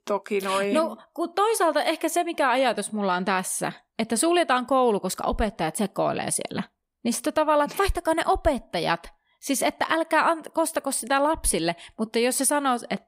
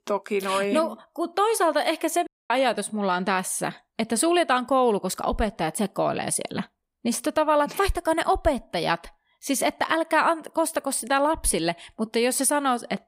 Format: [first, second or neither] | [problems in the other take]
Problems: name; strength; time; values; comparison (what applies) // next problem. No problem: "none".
first | audio cutting out; at 2.5 s